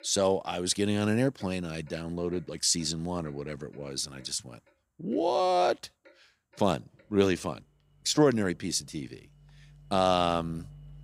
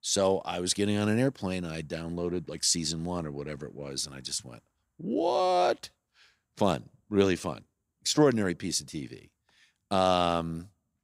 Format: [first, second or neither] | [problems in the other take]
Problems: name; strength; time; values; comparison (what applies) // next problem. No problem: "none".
second | household noises; faint; throughout; 30 dB below the speech